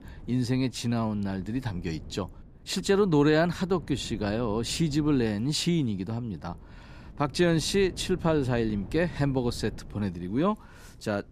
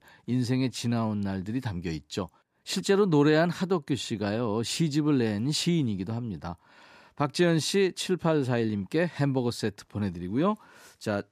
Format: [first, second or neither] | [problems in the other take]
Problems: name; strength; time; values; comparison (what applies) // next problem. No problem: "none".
second | wind noise on the microphone; occasional gusts; 25 dB below the speech